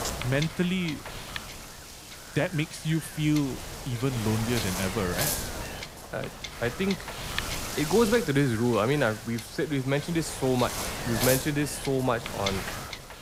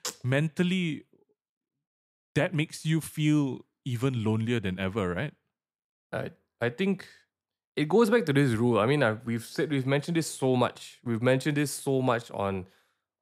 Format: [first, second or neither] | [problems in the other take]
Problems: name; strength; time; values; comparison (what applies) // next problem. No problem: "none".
second | wind noise on the microphone; heavy; 5 dB below the speech